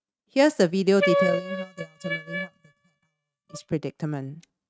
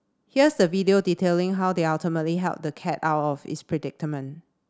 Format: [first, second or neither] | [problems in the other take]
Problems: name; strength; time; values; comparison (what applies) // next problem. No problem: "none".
second | noise reduction (neural mask model RNNoise)